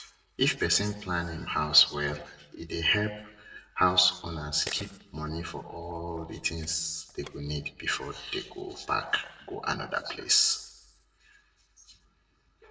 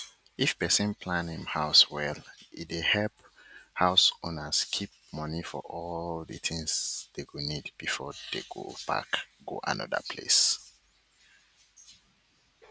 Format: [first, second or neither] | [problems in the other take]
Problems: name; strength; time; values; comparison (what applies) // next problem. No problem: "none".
second | noise reduction (neural separator model SepFormer DNS4)